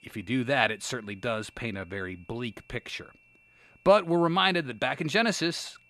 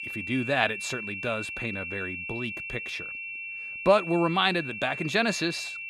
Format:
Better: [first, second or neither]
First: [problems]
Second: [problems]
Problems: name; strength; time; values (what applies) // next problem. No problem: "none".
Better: first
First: high-pitched whine; faint; throughout; 2.5 kHz, 30 dB below the speech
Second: high-pitched whine; loud; throughout; 2.5 kHz, 6 dB below the speech